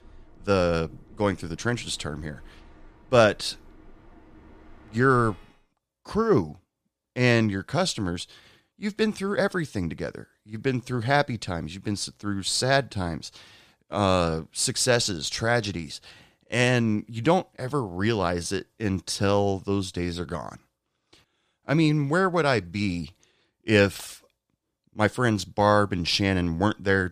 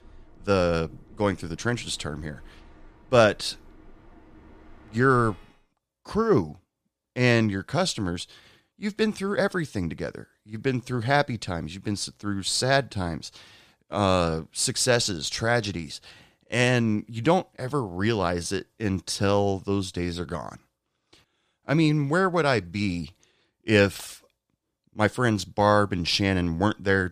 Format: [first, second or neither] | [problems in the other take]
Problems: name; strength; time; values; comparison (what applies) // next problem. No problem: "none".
neither | train or aircraft noise; faint; until 5.5 s; 25 dB below the speech; the same in both